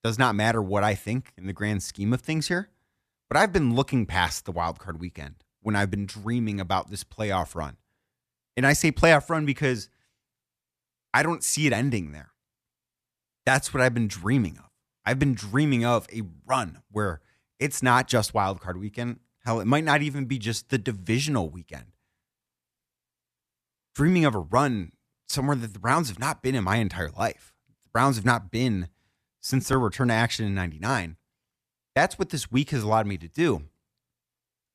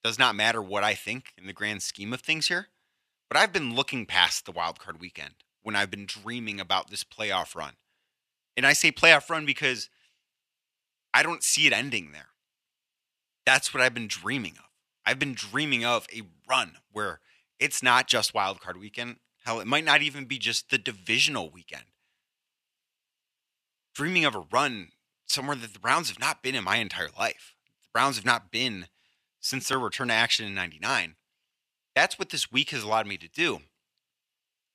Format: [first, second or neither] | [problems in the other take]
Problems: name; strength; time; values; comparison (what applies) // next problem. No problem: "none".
first | thin; somewhat; fading below 1 kHz